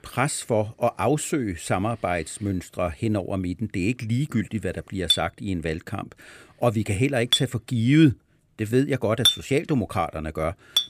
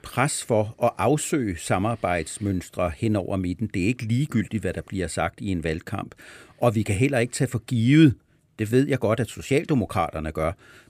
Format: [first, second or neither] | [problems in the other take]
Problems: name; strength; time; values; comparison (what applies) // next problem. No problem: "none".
second | clattering dishes; loud; from 5 s on; peak 5 dB above the speech